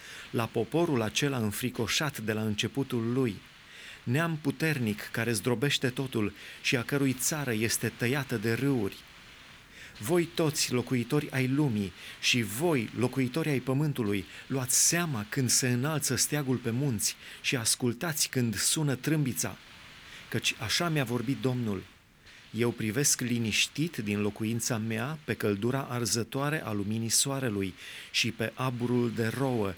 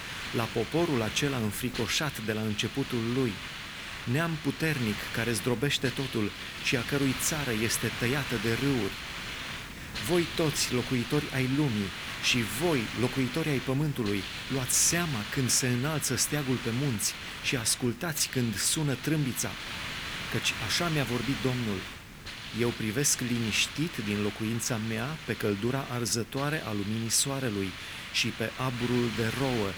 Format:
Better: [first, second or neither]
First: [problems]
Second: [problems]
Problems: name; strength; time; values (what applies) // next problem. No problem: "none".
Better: first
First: hiss; faint; throughout; 20 dB below the speech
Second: hiss; loud; throughout; 8 dB below the speech